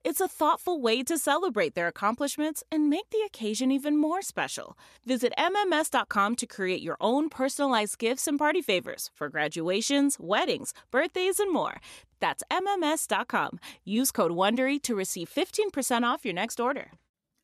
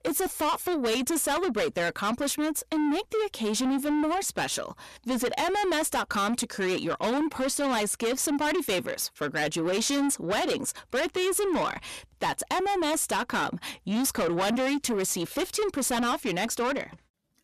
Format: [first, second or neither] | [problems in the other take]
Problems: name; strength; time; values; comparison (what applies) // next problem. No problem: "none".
first | distortion; heavy; 7 dB below the speech